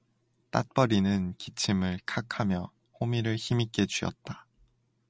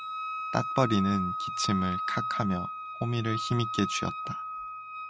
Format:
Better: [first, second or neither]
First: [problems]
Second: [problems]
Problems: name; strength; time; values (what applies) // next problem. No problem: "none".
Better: first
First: none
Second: background sound (Wind instrument, woodwind instrument); 3 dB below the speech